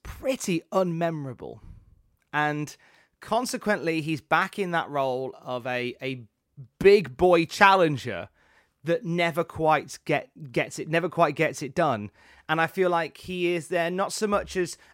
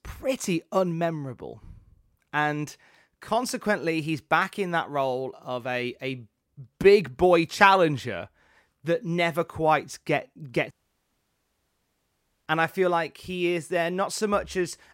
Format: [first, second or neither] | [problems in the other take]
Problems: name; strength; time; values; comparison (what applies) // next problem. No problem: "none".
first | audio cutting out; at 11 s for 2 s